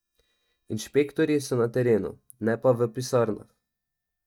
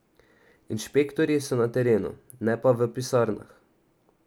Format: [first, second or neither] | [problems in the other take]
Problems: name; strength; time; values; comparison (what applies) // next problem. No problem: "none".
second | noise reduction (neural mask model DeepFilterNet 3)